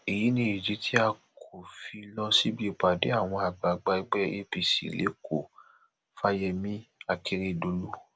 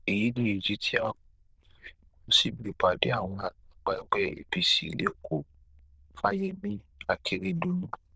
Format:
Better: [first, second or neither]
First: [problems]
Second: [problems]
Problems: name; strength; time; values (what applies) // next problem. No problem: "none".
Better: first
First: none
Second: noise reduction (neural diffusion model UNIVERSE++)